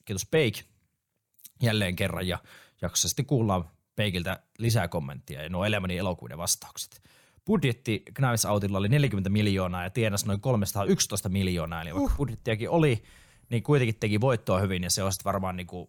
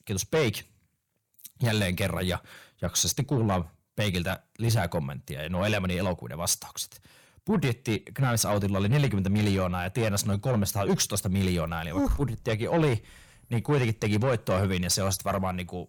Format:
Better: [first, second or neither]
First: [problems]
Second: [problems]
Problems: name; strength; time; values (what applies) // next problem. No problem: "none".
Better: first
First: none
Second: distortion; slight; 10 dB below the speech